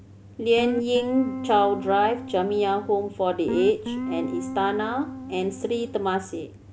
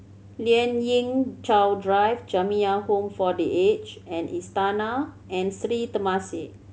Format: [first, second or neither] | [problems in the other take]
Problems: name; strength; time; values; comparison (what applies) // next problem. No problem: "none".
second | background sound (Guitar); 8 dB below the speech